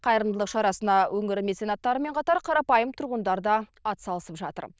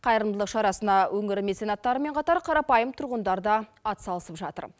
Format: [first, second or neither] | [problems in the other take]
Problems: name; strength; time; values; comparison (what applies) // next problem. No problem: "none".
second | noise reduction (neural diffusion model UNIVERSE++)